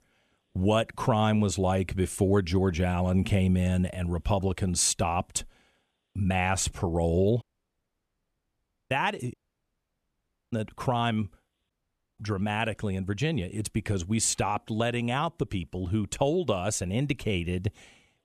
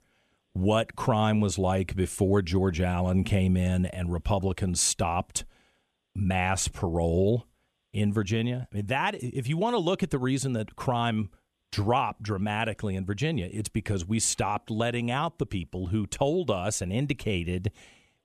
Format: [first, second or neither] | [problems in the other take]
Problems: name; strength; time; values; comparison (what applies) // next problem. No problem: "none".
second | audio cutting out; at 7.5 s for 1.5 s, at 9.5 s for 1 s and at 12 s